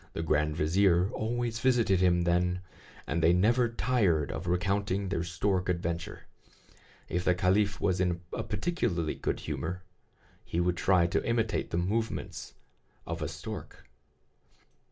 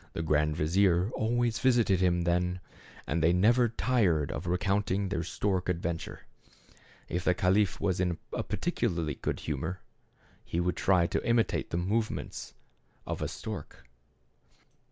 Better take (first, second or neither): second